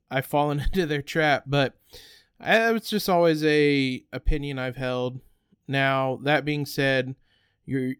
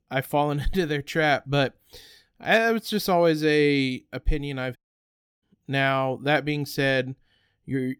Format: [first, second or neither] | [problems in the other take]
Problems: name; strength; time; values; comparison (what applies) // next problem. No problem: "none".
first | audio cutting out; at 5 s for 0.5 s